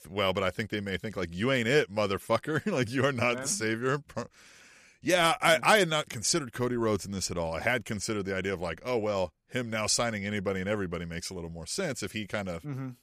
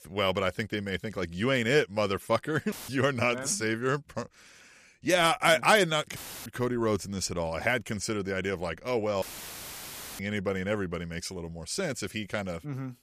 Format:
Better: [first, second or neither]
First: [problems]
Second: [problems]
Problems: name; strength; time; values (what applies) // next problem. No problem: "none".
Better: first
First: none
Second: audio cutting out; filled with static; at 2.5 s, at 6 s and at 9 s for 1 s